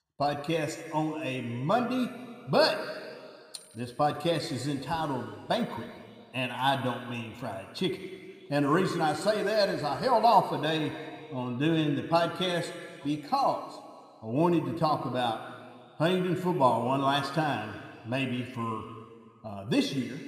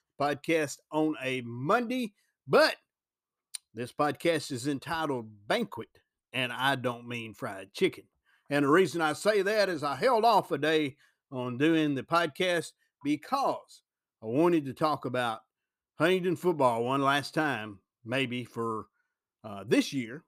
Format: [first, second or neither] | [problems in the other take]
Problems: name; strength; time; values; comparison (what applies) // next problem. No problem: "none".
second | room echo; slight; dies away in 1.9 s